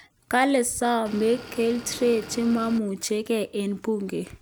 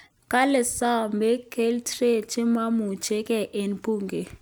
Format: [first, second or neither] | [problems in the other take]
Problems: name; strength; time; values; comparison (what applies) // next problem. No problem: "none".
second | background sound (Motor vehicle (road) / Engine); 15 dB below the speech